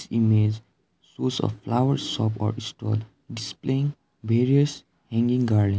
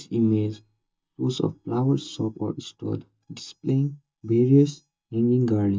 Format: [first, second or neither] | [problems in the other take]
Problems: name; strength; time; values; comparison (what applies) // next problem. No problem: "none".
first | noise reduction (neural mask model DeepFilterNet 3)